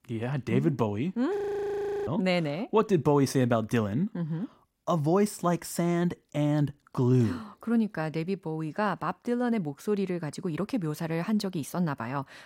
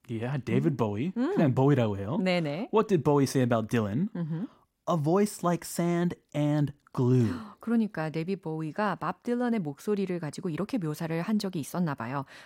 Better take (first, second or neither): second